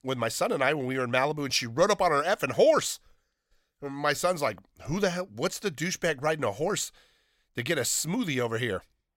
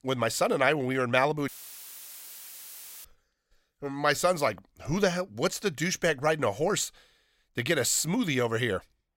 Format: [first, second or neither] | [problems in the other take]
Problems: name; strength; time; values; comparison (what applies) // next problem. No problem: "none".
first | audio cutting out; filled with static; at 1.5 s for 1.5 s